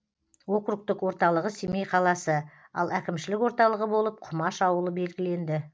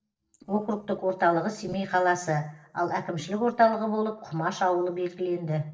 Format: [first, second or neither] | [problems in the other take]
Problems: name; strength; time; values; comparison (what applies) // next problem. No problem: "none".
first | noise reduction (neural separator model SepFormer DNS4)